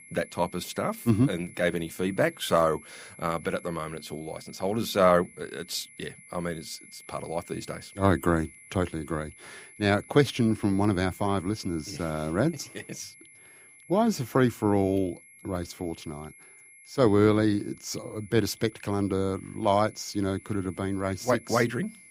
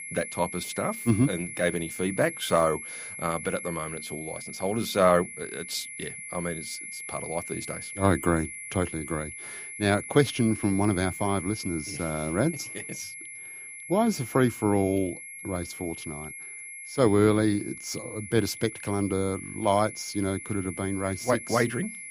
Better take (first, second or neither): first